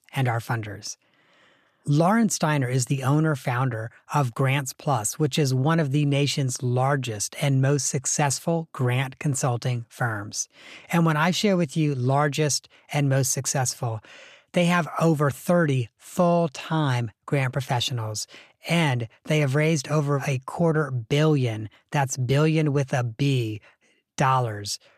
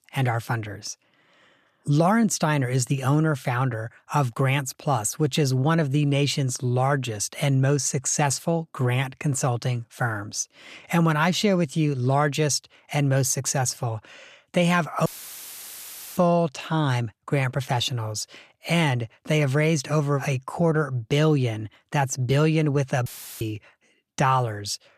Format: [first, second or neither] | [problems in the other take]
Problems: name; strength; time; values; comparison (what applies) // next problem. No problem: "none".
first | audio cutting out; filled with static; at 15 s for 1 s and at 23 s